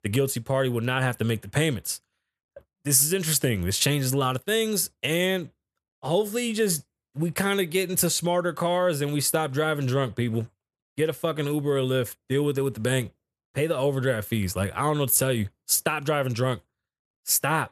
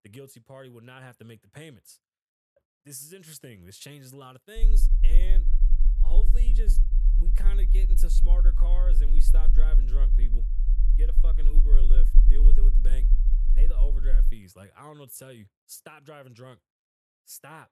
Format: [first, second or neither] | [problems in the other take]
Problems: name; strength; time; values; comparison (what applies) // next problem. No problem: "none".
first | low rumble; loud; from 4.5 to 14 s; 6 dB below the speech